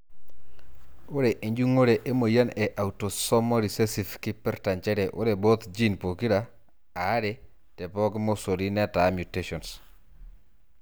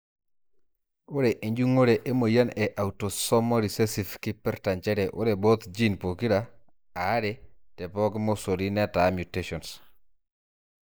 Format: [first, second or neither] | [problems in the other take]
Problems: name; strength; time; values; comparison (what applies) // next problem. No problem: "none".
first | noise reduction (neural mask model Resemble Enhance denoiser)